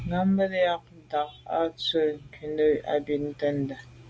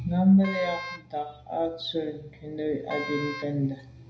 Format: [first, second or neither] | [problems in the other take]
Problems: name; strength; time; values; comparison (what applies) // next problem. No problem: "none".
first | background sound (Wind instrument, woodwind instrument); 12 dB below the speech // room echo; dies away in 0.5 s